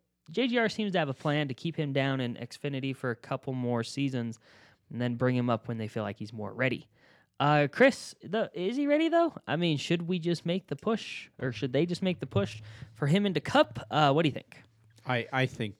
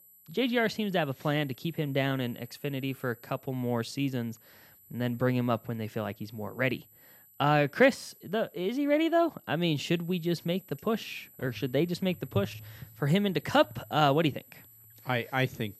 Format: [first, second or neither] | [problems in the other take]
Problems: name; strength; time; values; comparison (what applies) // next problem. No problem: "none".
first | high-pitched whine; faint; throughout; 12 kHz, 25 dB below the speech